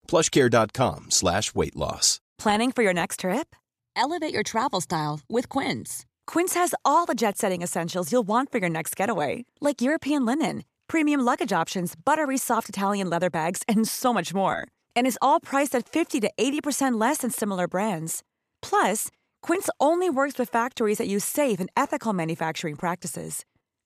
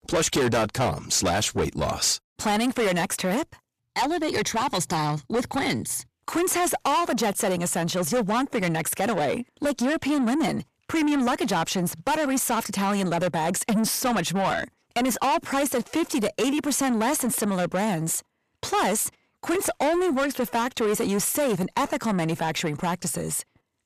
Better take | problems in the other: first | distortion; heavy; 7 dB below the speech

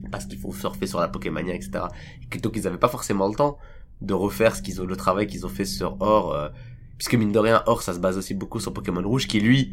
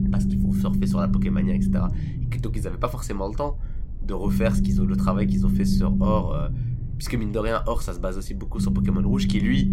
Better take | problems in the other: first | low rumble; loud; throughout; 1 dB below the speech; faint in the first

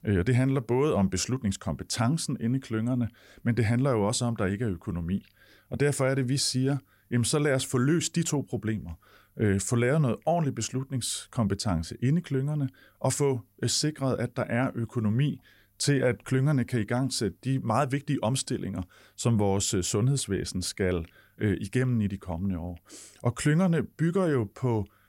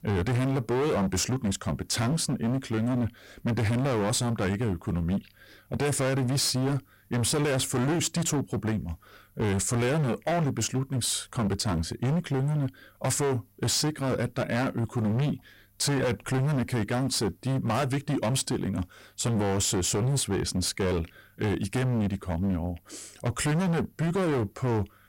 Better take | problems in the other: first | distortion; heavy; 24% of the sound clipped

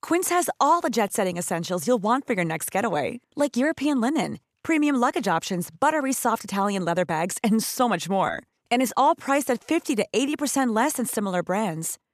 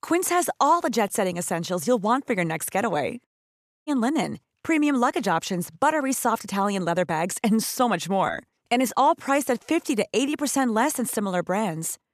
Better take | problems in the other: first | audio cutting out; at 3.5 s for 0.5 s

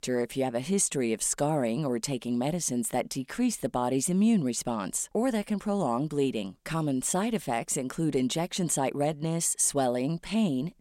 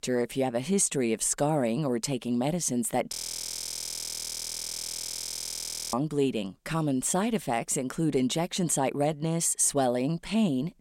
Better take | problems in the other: first | audio freezing; at 3 s for 3 s

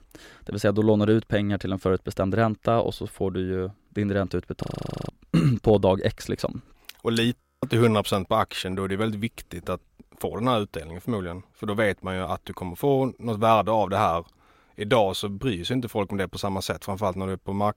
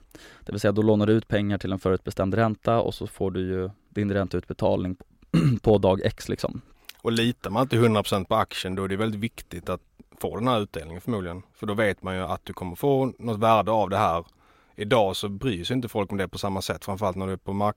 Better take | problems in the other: second | audio freezing; at 4.5 s and at 7.5 s

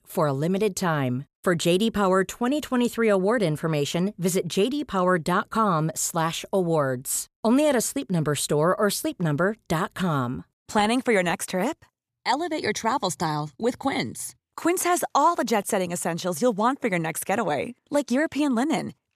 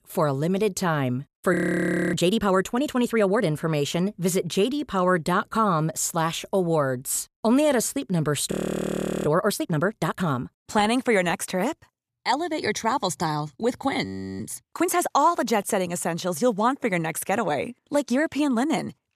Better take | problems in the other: first | audio freezing; at 1.5 s for 0.5 s, at 8.5 s for 0.5 s and at 14 s

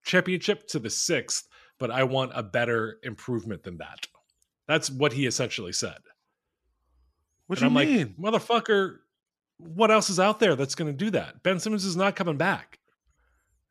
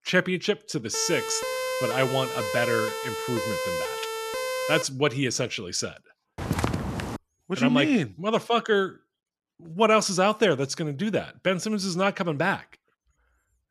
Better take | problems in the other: first | siren; noticeable; from 1 to 5 s; peak 3 dB below the speech // footsteps; noticeable; at 6.5 s; peak 2 dB below the speech

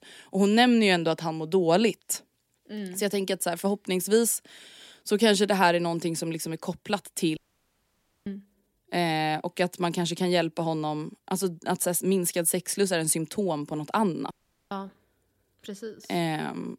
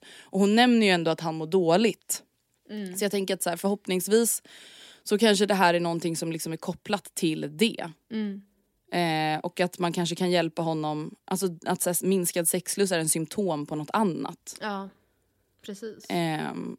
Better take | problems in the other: second | audio cutting out; at 7.5 s for 1 s and at 14 s

